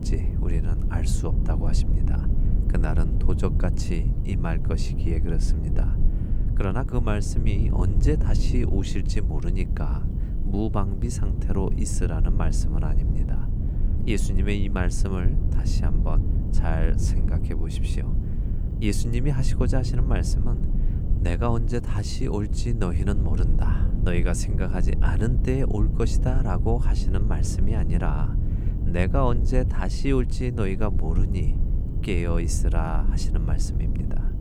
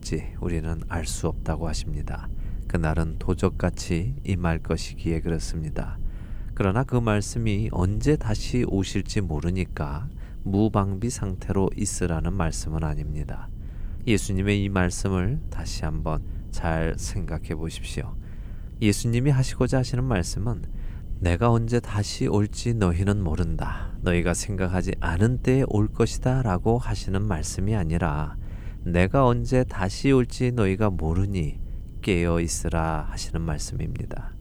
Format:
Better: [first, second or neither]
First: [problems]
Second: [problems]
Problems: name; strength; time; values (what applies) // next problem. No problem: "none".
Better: second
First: low rumble; loud; throughout; 7 dB below the speech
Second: low rumble; faint; throughout; 20 dB below the speech